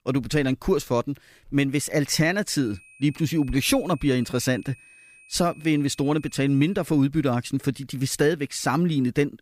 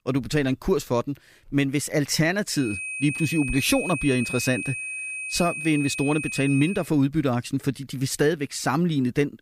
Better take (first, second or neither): first